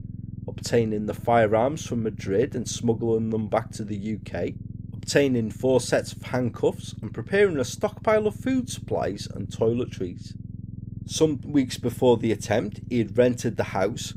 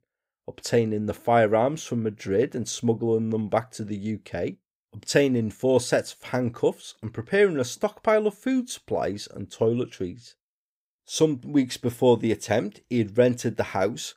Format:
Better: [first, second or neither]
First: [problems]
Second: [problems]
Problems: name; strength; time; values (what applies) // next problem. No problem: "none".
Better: second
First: low rumble; faint; throughout; 25 dB below the speech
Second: none